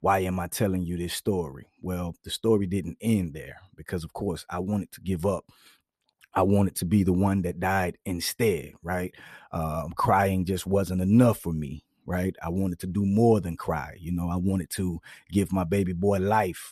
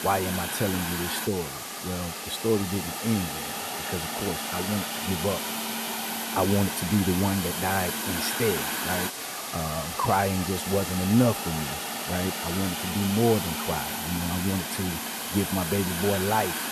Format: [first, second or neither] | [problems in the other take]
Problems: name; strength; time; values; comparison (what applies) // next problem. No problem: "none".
first | hiss; loud; throughout; 2 dB below the speech